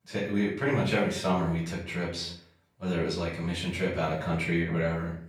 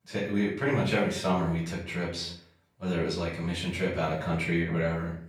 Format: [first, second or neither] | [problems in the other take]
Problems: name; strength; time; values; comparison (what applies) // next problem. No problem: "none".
neither | off-mic speech; far; the same in both // room echo; noticeable; dies away in 0.5 s; the same in both